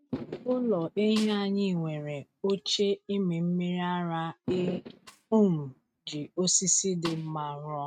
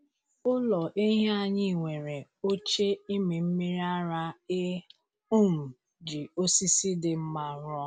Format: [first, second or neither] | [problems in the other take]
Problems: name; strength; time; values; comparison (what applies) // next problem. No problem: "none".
second | noise reduction (neural mask model RNNoise)